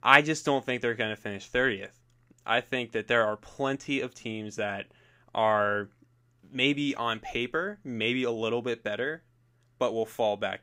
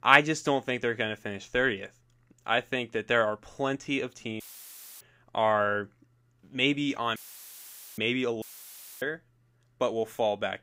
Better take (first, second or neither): first